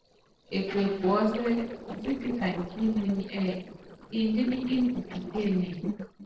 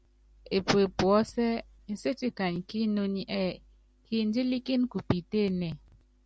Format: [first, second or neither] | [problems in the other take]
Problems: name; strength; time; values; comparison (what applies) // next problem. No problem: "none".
second | noise reduction (neural separator model SepFormer DNS4)